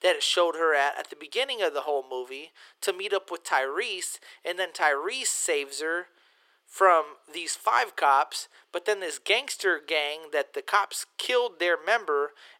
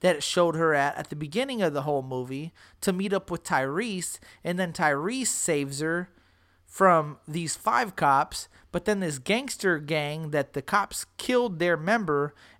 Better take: second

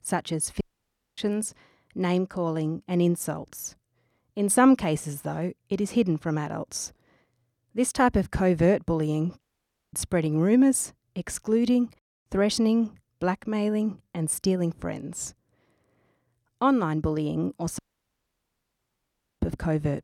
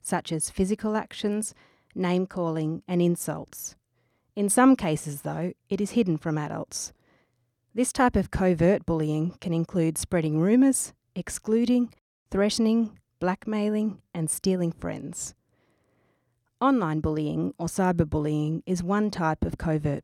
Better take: second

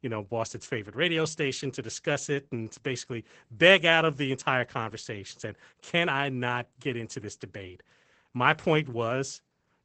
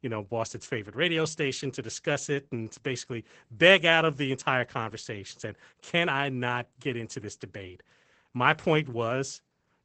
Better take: neither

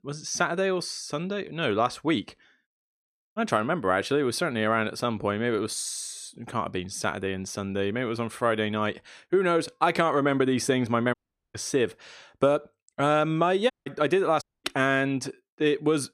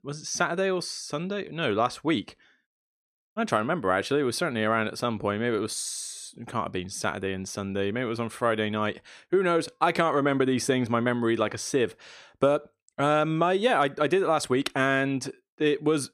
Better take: second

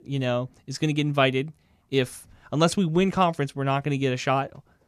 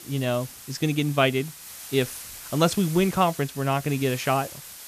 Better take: first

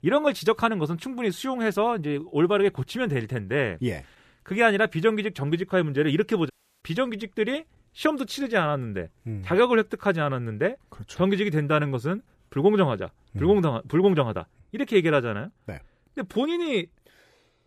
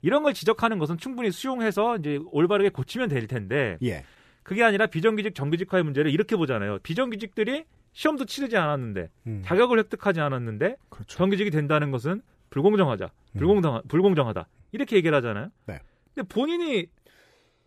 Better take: second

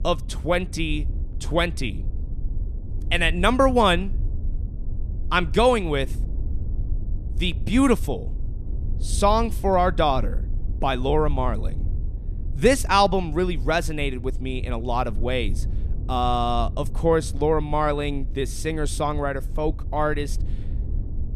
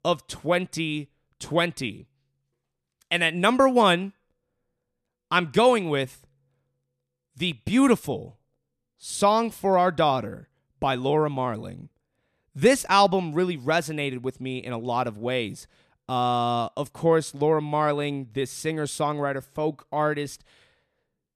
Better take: second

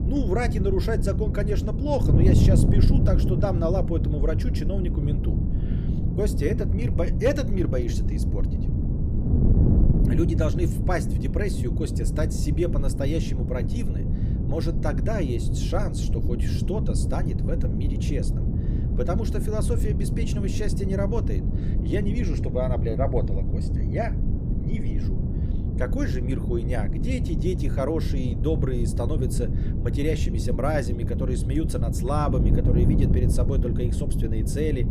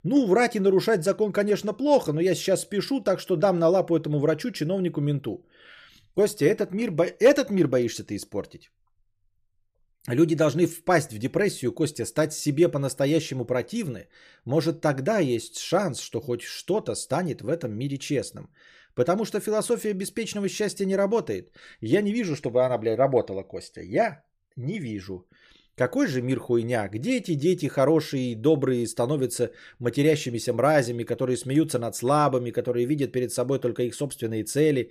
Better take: second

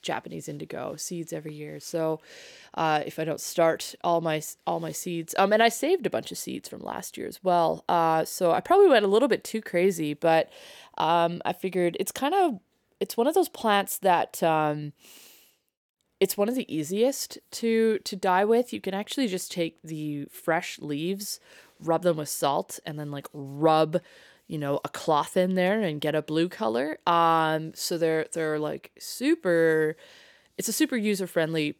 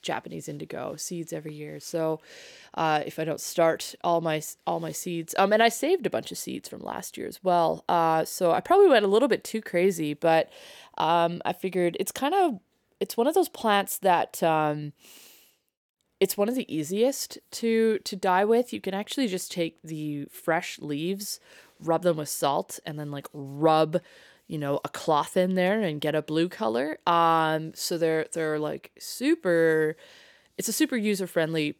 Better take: neither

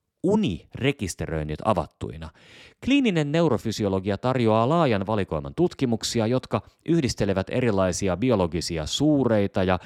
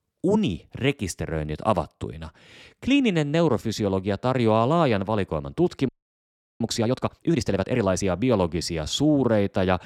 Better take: first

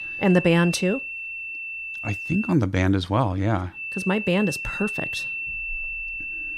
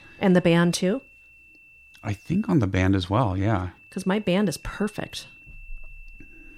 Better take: second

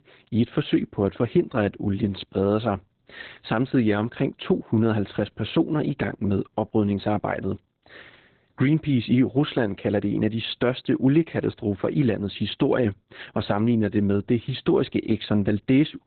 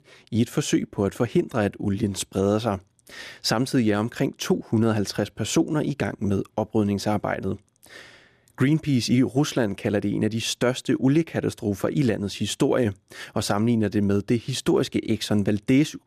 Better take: second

